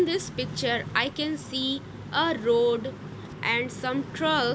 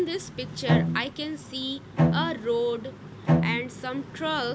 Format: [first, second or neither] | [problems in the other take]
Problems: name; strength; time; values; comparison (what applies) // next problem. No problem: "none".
first | background sound (Bowed string instrument); 3 dB above the speech